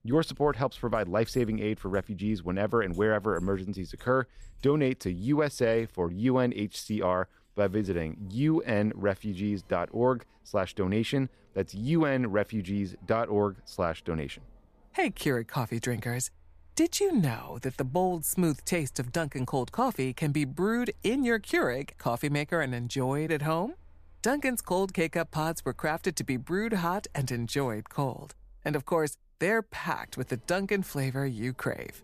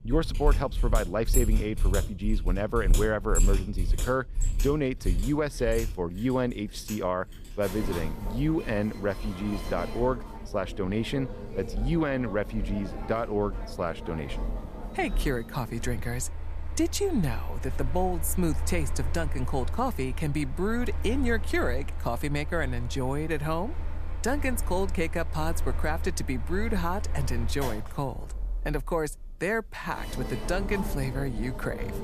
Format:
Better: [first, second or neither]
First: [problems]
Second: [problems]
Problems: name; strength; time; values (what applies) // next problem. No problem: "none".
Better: first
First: machinery noise; faint; throughout; 30 dB below the speech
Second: machinery noise; loud; throughout; 4 dB below the speech